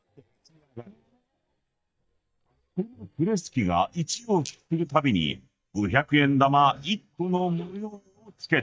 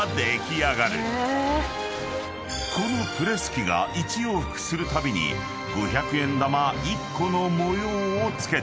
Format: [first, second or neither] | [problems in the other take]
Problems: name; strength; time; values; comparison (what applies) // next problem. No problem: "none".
second | noise reduction (neural mask model DeepFilterNet 3)